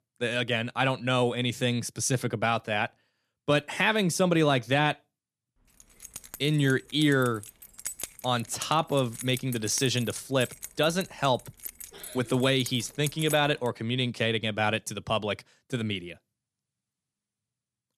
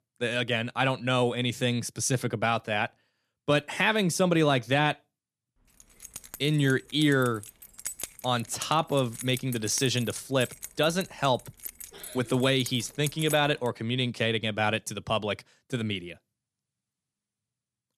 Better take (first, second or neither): neither